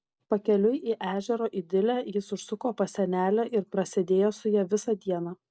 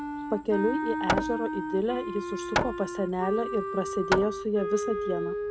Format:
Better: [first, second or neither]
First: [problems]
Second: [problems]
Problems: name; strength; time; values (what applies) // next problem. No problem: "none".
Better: first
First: none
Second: background sound (Hammer + Wind instrument, woodwind instrument); 1 dB below the speech